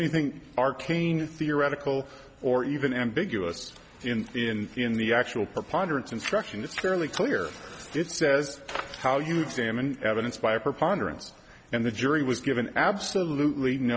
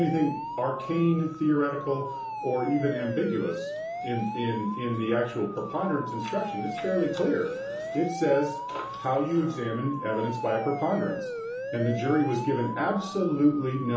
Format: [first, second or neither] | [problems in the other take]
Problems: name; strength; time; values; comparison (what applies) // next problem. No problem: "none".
first | background sound (Siren); 8 dB below the speech // room echo; dies away in 1.2 s